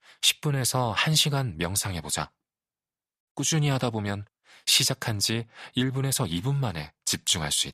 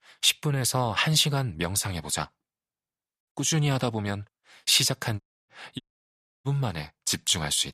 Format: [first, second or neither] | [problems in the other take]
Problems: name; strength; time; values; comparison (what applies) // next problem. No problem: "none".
first | audio cutting out; at 5 s and at 6 s for 0.5 s